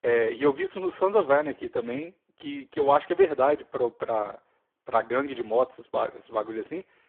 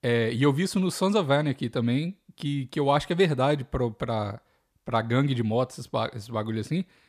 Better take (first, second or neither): second